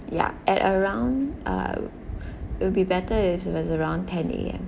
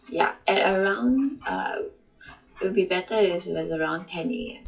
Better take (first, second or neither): first